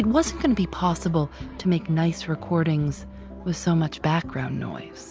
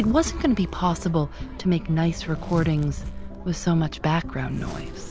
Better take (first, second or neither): first